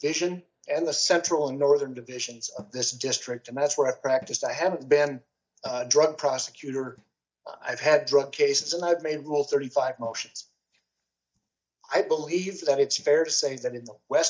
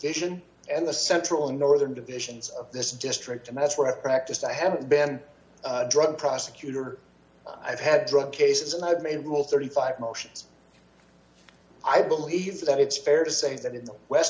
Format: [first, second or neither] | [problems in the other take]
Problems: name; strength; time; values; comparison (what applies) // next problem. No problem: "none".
second | noise reduction (neural mask model DeepFilterNet 3)